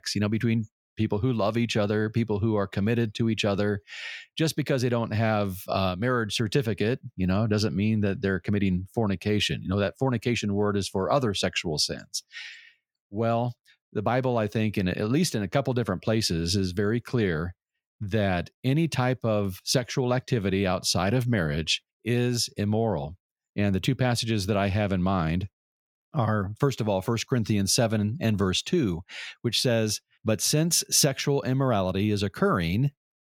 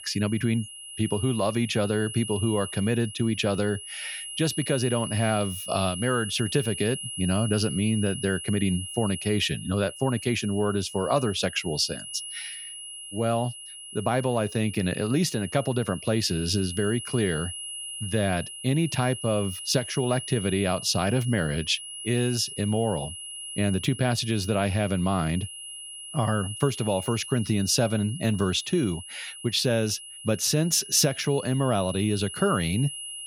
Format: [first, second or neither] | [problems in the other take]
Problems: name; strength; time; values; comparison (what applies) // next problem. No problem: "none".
first | high-pitched whine; loud; throughout; 3 kHz, 10 dB below the speech